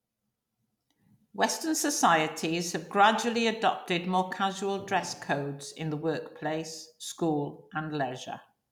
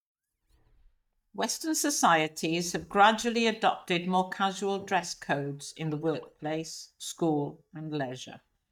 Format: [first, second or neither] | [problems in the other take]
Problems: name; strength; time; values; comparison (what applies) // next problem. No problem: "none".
first | noise reduction (neural mask model DeepFilterNet 3)